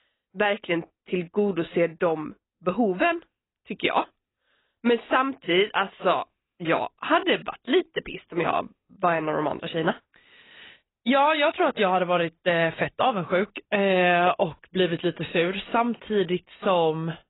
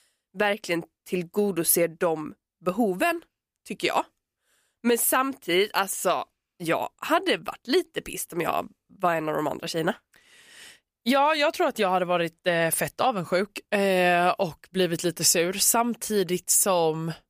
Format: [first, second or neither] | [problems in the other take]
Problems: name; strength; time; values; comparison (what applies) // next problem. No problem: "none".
second | garbled, watery; badly; nothing above 4 kHz